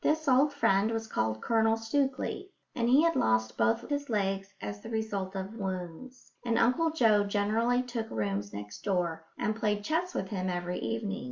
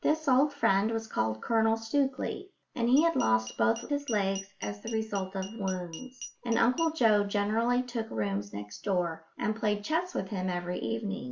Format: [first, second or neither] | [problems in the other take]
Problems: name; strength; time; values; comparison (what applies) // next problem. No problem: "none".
first | background sound (Glass); 16 dB below the speech